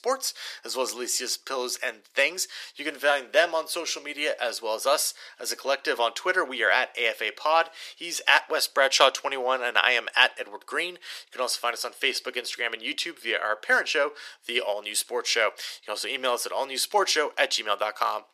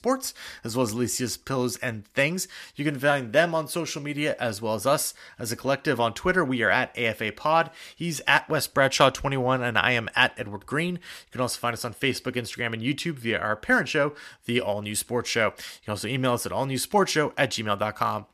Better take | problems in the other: second | thin; very; fading below 400 Hz

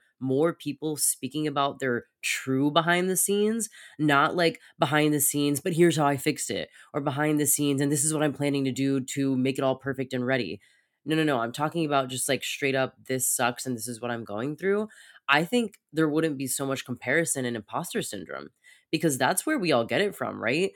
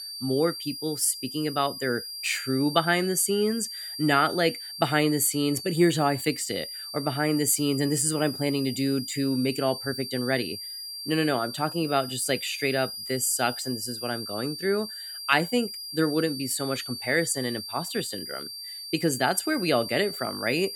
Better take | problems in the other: first | high-pitched whine; loud; throughout; 5 kHz, 8 dB below the speech

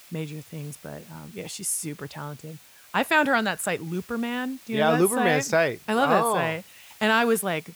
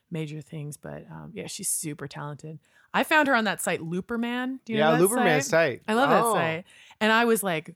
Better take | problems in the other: second | hiss; faint; throughout; 25 dB below the speech

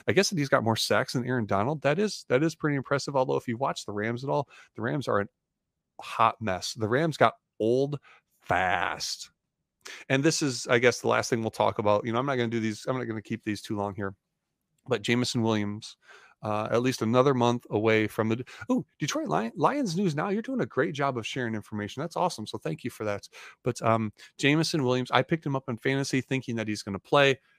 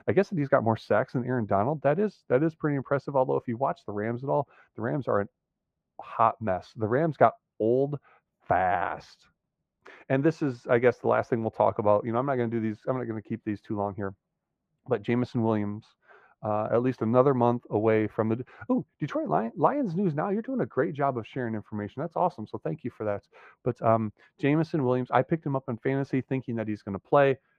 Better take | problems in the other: first | muffled; very; fading above 3 kHz

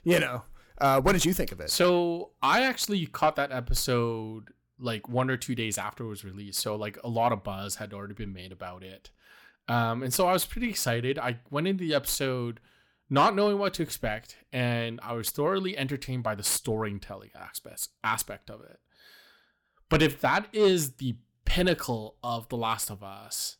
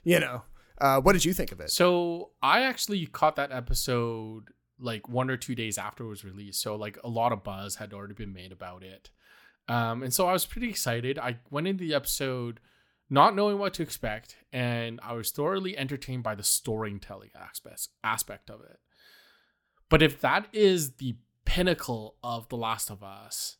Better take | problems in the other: second | distortion; slight; 10 dB below the speech

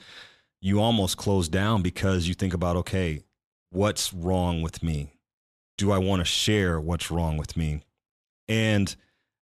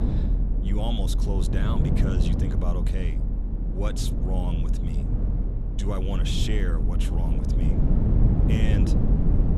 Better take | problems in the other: first | low rumble; loud; throughout; 1 dB below the speech

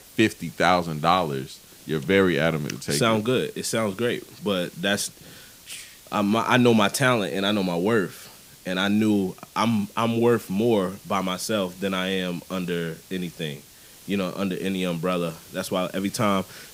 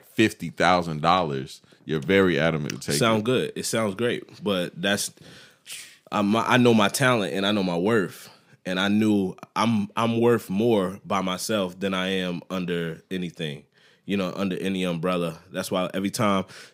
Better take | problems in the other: second | hiss; faint; throughout; 20 dB below the speech

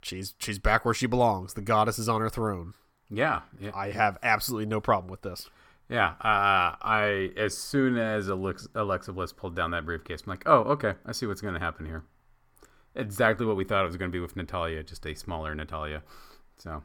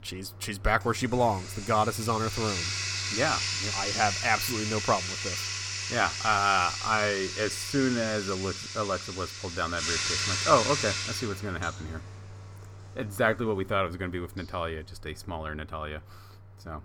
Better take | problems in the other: first | household noises; loud; throughout; 2 dB below the speech

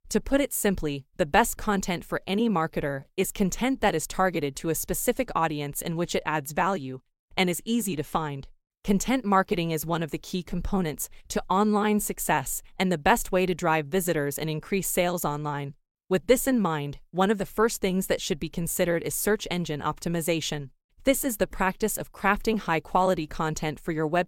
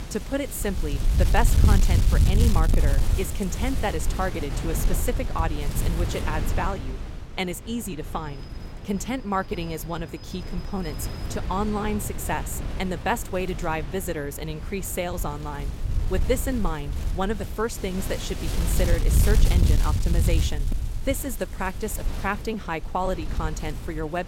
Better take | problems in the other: first | wind noise on the microphone; heavy; 8 dB below the speech

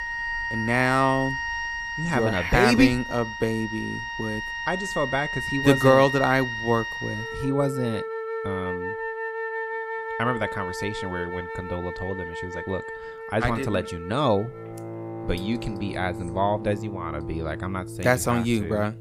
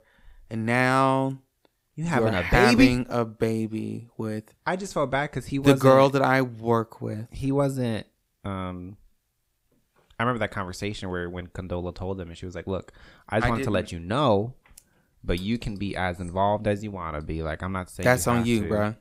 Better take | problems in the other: second | background music; loud; throughout; 6 dB below the speech

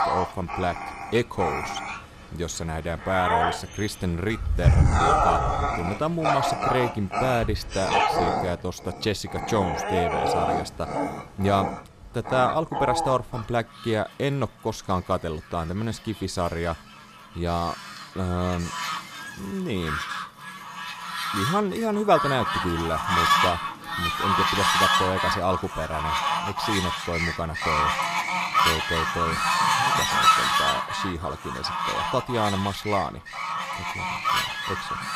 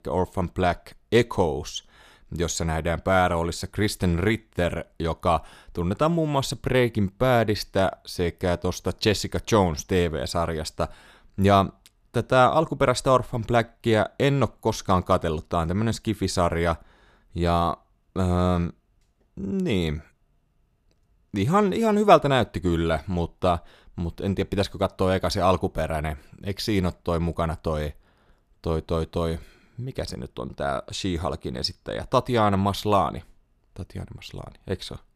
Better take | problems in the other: second | animal sounds; very loud; throughout; 3 dB above the speech

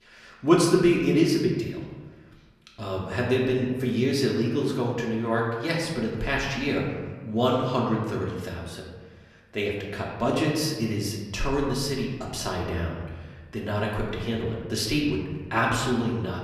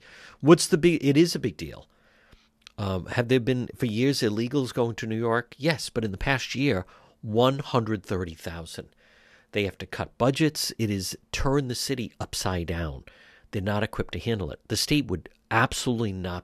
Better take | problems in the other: second | room echo; noticeable; dies away in 1.2 s // off-mic speech; far

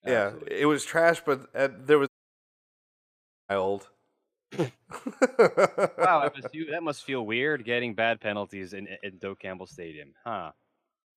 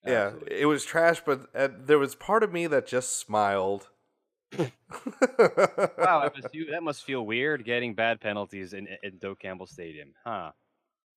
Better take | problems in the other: second | audio cutting out; at 2 s for 1.5 s

